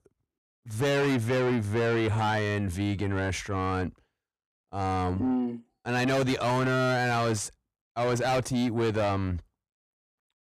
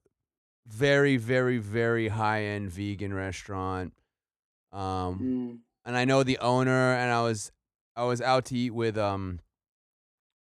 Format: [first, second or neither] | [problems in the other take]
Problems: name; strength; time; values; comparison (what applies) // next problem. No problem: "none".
second | distortion; heavy; 6 dB below the speech